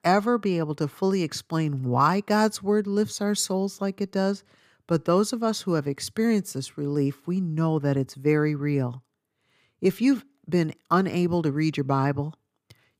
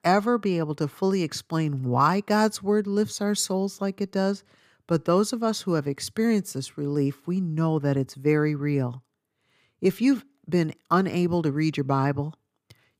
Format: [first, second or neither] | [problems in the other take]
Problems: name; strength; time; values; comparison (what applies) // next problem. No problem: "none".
neither | none